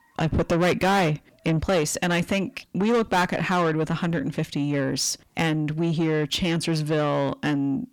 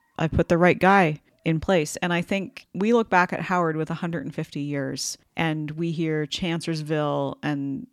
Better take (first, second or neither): second